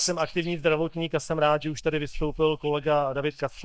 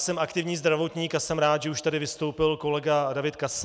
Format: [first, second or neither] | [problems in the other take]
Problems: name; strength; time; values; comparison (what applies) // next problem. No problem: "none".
second | noise reduction (neural mask model DeepFilterNet 3)